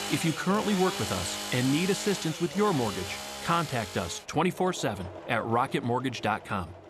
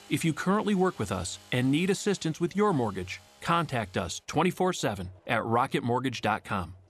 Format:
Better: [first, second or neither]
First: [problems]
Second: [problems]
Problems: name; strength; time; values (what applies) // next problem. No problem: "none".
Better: second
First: machinery noise; loud; throughout; 7 dB below the speech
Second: machinery noise; faint; throughout; 25 dB below the speech